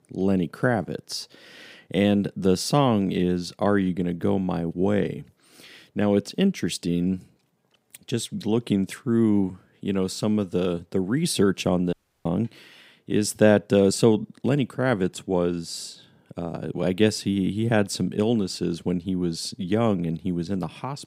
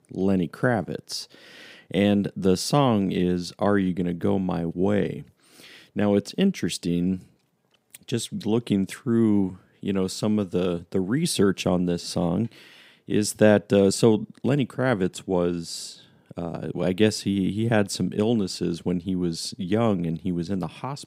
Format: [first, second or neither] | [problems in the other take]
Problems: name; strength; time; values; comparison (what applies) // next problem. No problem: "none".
second | audio cutting out; at 12 s